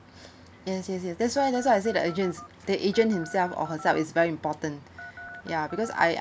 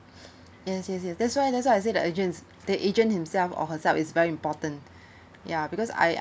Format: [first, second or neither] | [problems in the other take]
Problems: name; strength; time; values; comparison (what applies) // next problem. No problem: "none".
second | background sound (Telephone); 16 dB below the speech